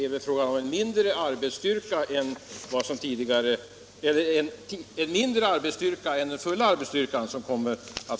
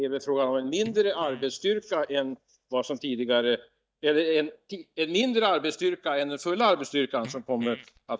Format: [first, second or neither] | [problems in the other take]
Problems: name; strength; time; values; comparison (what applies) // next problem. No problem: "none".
first | noise reduction (neural mask model DeepFilterNet 3)